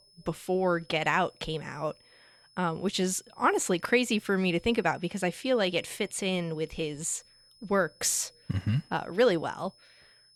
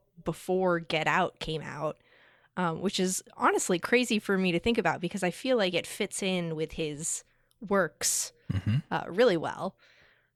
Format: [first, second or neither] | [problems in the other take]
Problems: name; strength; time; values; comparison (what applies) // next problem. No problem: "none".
second | high-pitched whine; faint; throughout; 5 kHz, 30 dB below the speech